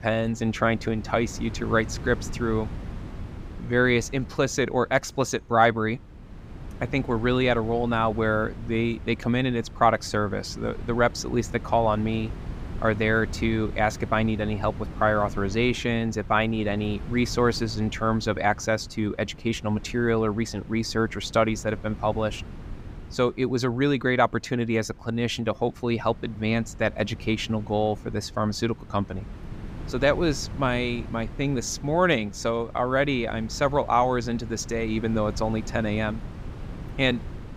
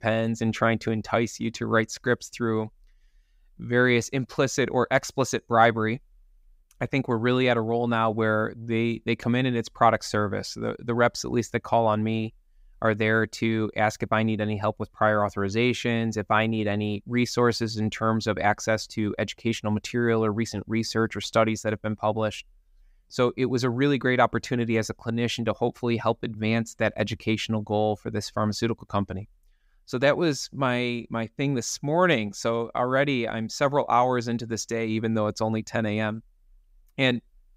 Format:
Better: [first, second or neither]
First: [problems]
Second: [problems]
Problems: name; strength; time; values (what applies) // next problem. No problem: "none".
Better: second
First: wind noise on the microphone; occasional gusts; 20 dB below the speech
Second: none